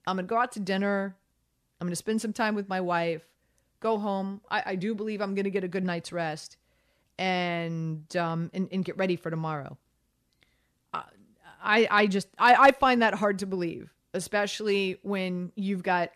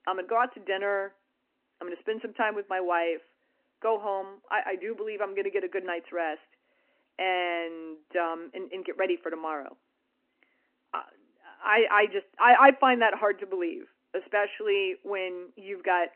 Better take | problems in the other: first | phone-call audio; nothing above 3 kHz

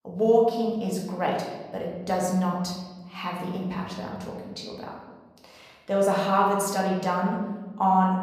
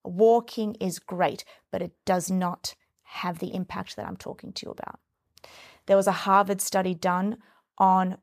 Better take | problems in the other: second | room echo; noticeable; dies away in 1.2 s // off-mic speech; far

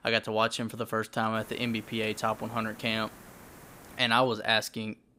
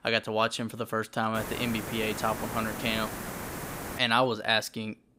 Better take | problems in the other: first | hiss; loud; from 1.5 to 4 s; 8 dB below the speech; faint in the first

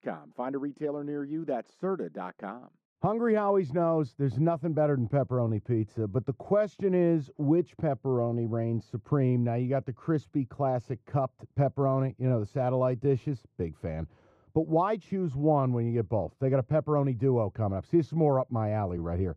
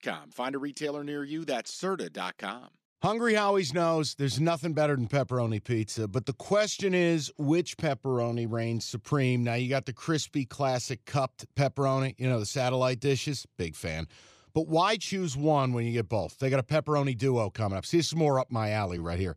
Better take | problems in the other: second | muffled; very; fading above 1.5 kHz

